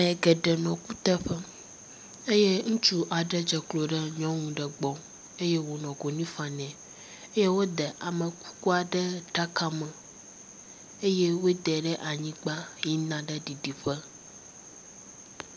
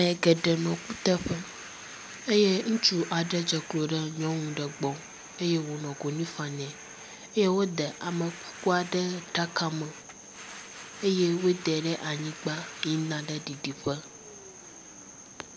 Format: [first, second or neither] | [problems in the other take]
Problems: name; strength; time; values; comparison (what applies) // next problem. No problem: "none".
first | background sound (Domestic sounds, home sounds); 18 dB below the speech